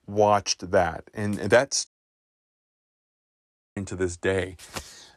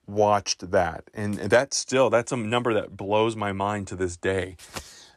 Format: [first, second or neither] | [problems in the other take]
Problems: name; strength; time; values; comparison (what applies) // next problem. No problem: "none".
second | audio cutting out; at 2 s for 2 s